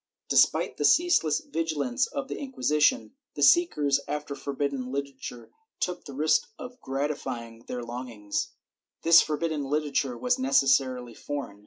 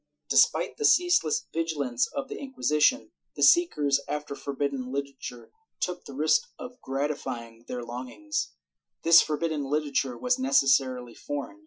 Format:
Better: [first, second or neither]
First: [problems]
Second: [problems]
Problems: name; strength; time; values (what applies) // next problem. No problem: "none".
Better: first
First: none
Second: noise reduction (classical method Wiener filter)